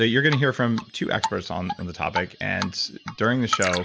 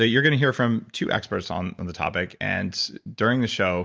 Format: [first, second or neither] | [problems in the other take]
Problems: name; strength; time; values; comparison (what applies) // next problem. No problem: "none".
second | background sound (Drip); 9 dB below the speech